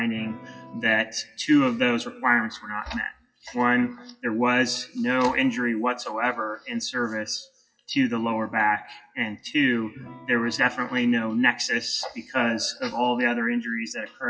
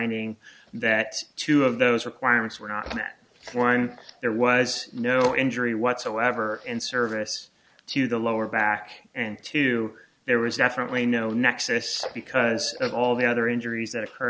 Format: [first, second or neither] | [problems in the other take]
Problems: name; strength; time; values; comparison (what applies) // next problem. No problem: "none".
second | noise reduction (classical method WPE with log-MMSE)